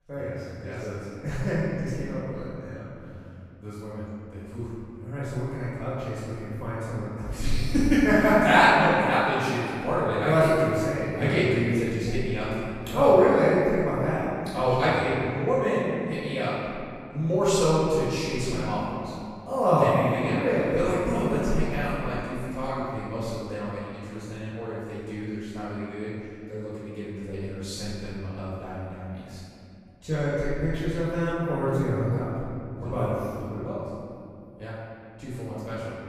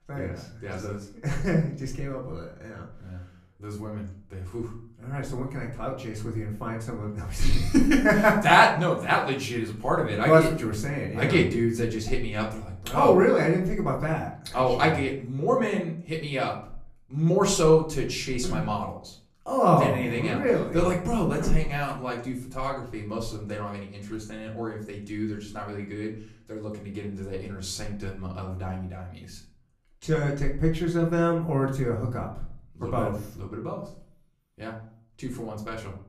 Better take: second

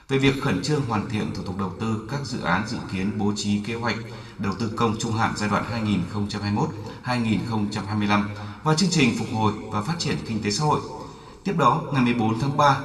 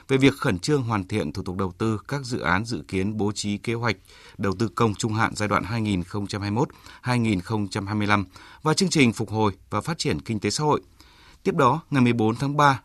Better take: second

